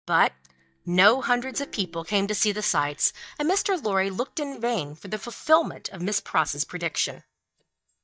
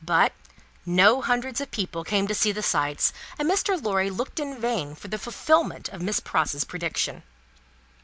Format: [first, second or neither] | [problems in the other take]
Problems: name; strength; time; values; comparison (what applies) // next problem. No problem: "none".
second | noise reduction (neural mask model DeepFilterNet 3)